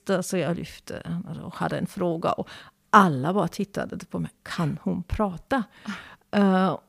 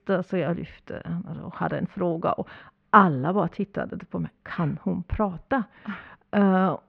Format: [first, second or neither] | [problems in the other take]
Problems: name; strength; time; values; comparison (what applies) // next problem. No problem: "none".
first | muffled; very; fading above 2.5 kHz